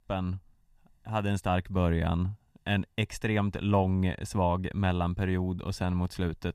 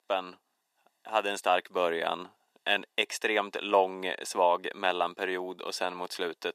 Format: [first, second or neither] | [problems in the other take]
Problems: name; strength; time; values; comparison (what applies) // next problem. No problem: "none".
first | thin; very; fading below 400 Hz